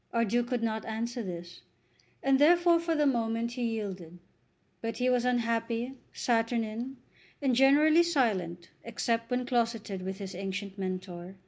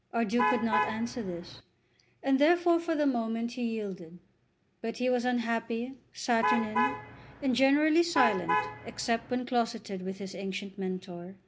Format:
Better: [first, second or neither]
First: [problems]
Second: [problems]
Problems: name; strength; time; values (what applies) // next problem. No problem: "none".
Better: first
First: none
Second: background sound (Alarm / Truck); 2 dB below the speech